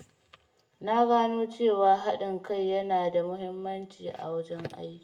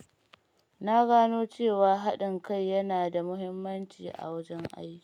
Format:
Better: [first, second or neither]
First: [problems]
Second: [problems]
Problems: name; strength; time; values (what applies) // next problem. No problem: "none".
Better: second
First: room echo; dies away in 0.4 s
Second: none